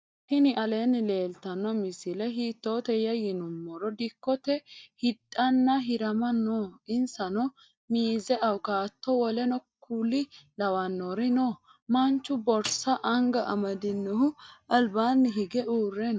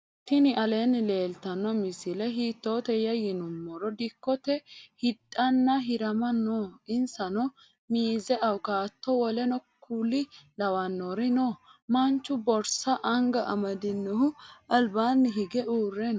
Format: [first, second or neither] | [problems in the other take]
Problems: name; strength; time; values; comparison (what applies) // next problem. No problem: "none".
second | noise reduction (neural mask model DeepFilterNet 3)